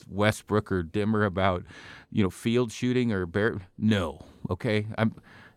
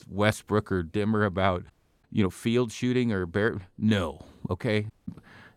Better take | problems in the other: first | audio cutting out; at 1.5 s and at 5 s

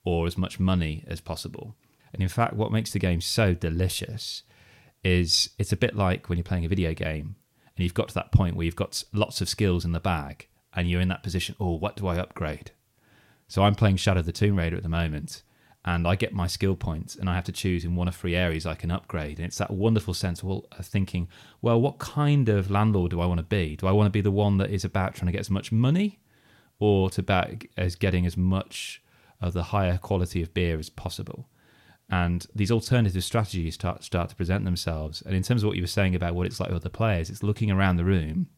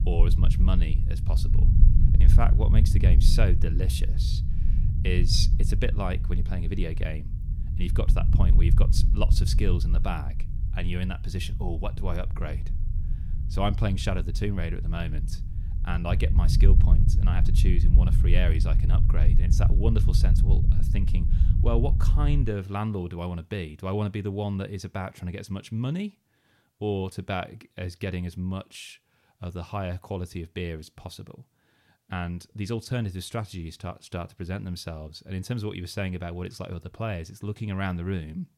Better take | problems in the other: first | low rumble; loud; until 22 s; 7 dB below the speech

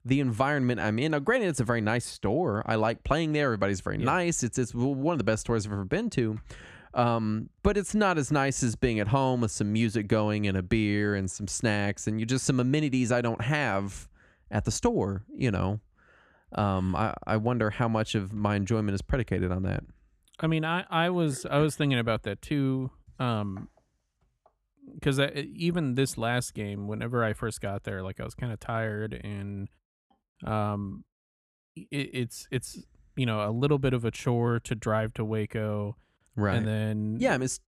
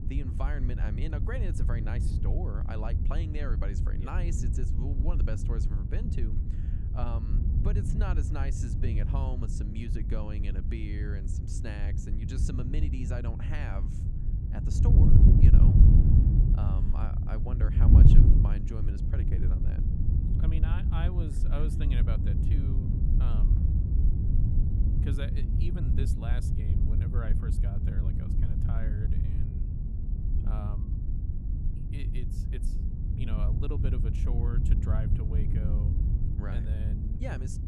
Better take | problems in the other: first | wind noise on the microphone; heavy; 1 dB above the speech

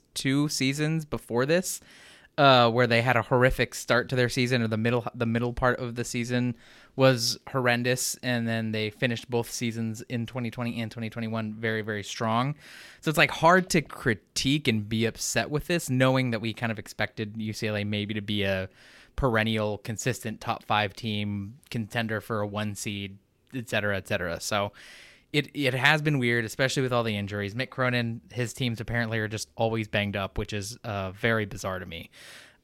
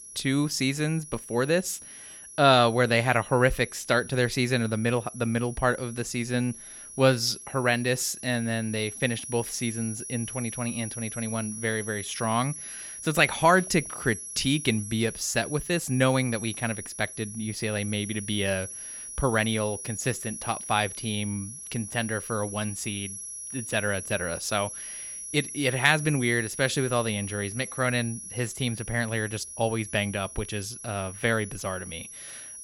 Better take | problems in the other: first | high-pitched whine; loud; throughout; 11 kHz, 10 dB below the speech

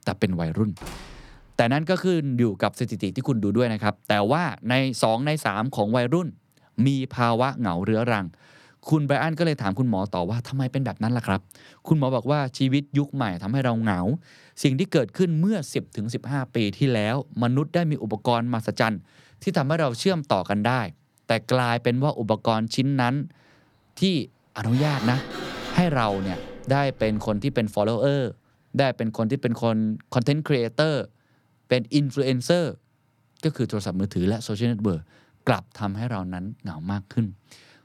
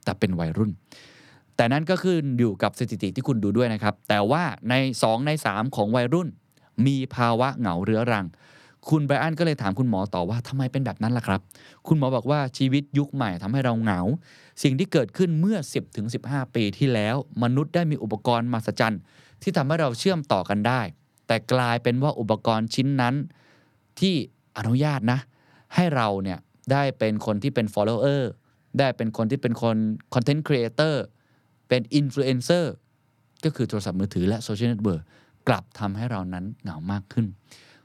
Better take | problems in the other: second | door banging; faint; at 1 s; peak 15 dB below the speech // door banging; noticeable; from 25 to 28 s; peak 7 dB below the speech

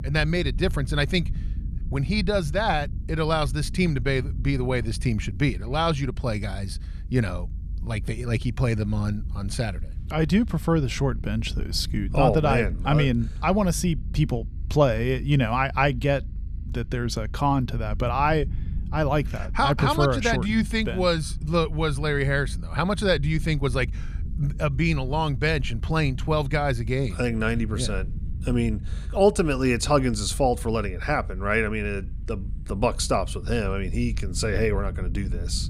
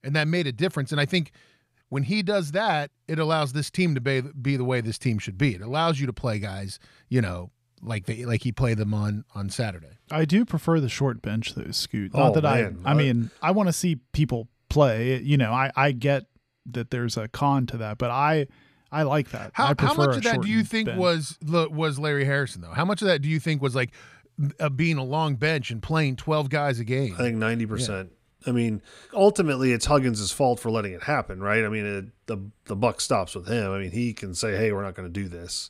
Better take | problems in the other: second | low rumble; faint; throughout; 25 dB below the speech

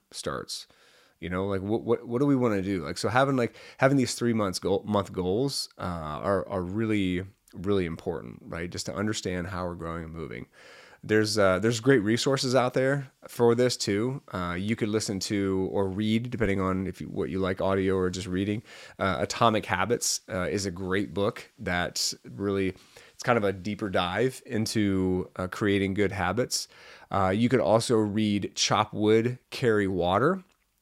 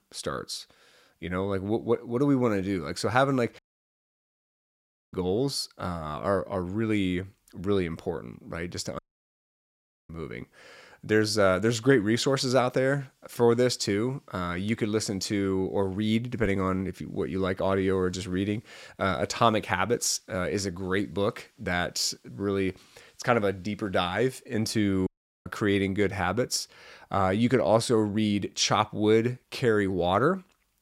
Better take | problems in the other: first | audio cutting out; at 3.5 s for 1.5 s, at 9 s for 1 s and at 25 s

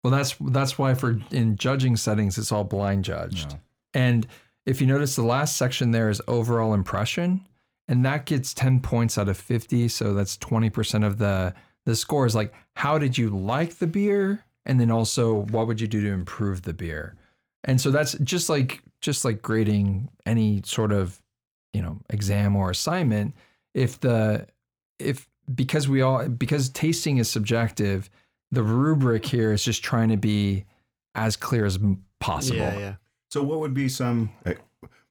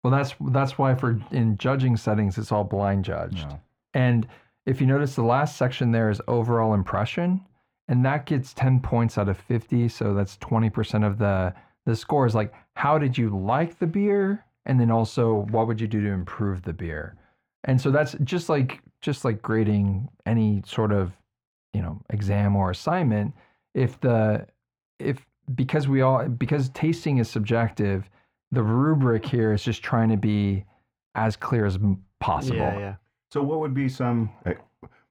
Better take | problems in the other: first | muffled; very; fading above 4 kHz

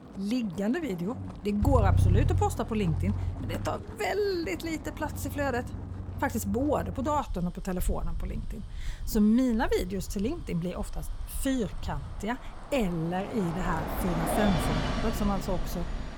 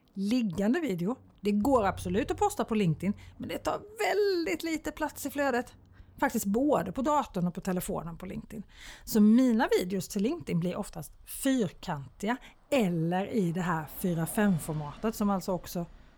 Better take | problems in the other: second | traffic noise; loud; throughout; 3 dB below the speech; faint in the second

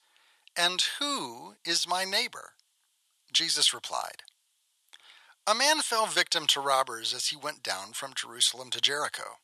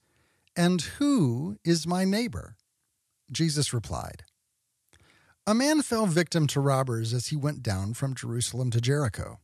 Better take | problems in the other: second | thin; very; fading below 900 Hz

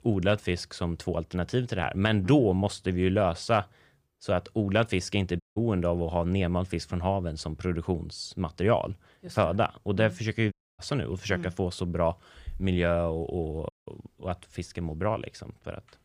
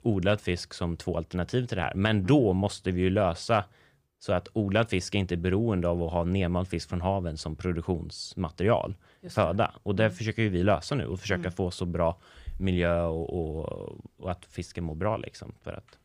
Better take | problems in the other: second | audio cutting out; at 5.5 s, at 11 s and at 14 s

